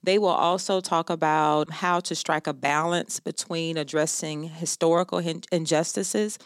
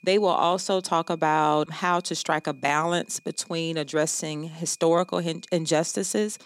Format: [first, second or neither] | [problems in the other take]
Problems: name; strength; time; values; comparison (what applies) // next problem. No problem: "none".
first | high-pitched whine; faint; throughout; 2.5 kHz, 35 dB below the speech